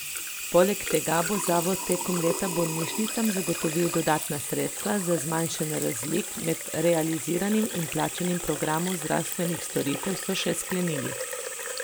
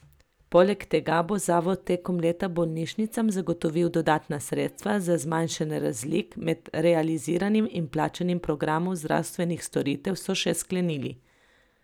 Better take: second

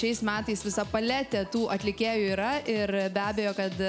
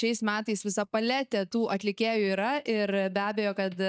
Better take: first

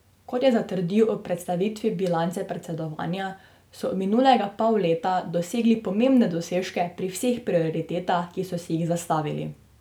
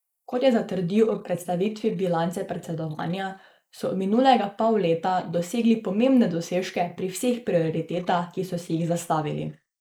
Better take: first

